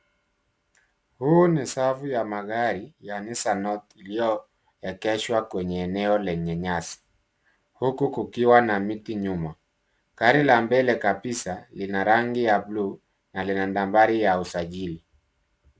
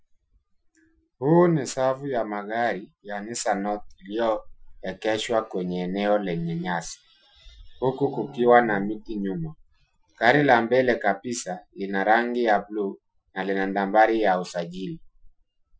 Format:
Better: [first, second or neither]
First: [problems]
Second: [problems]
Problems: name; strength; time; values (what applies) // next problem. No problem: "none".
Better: first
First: none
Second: noise reduction (classical method Wiener filter)